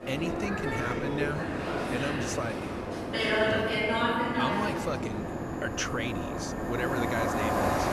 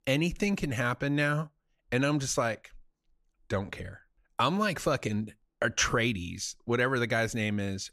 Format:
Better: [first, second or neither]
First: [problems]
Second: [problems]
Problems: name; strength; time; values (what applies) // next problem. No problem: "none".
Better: second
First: train or aircraft noise; very loud; throughout; 5 dB above the speech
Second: none